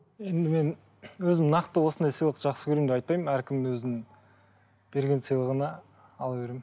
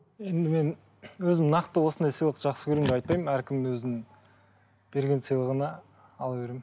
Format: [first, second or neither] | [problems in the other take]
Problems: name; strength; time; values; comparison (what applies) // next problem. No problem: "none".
first | background sound (Car); 12 dB below the speech